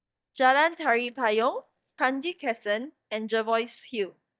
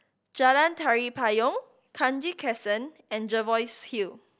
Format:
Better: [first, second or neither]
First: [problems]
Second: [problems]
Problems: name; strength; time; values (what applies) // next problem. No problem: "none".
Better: second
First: noise reduction (neural mask model DeepFilterNet 3)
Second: none